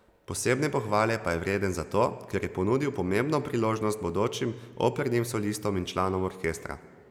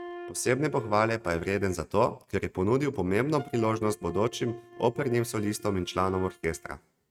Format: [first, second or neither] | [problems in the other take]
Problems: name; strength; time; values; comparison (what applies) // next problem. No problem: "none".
first | noise reduction (neural mask model RNNoise)